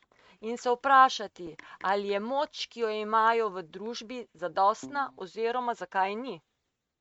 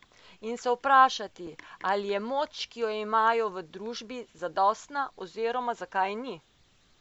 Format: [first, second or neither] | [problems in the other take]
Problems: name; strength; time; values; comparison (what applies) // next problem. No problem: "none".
second | noise reduction (neural mask model RNNoise)